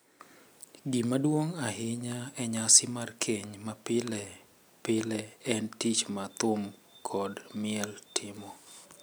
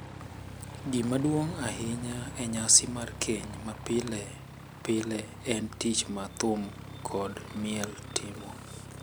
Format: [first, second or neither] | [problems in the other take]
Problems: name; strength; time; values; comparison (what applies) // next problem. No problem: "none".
first | background sound (Aircraft); 11 dB below the speech